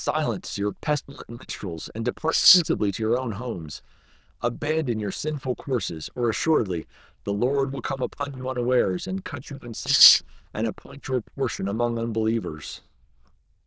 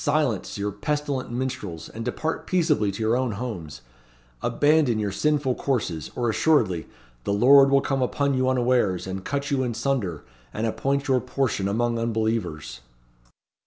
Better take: second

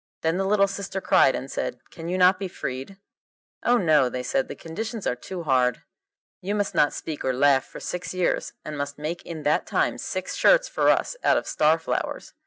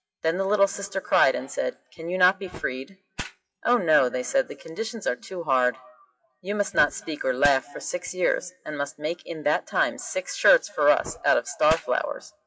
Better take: first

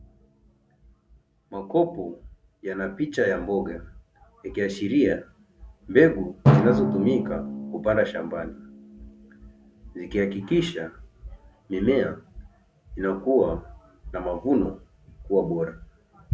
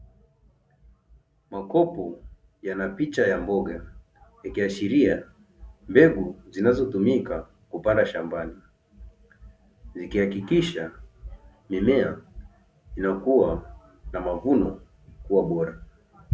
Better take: second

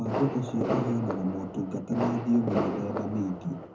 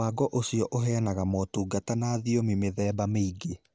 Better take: second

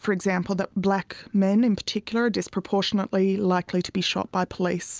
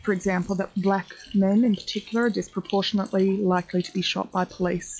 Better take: first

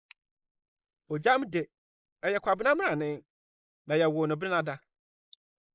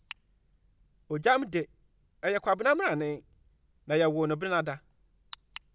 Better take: second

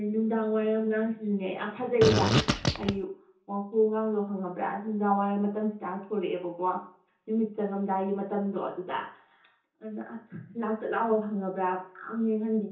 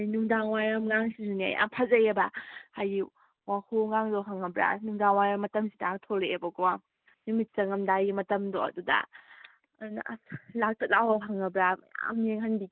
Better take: second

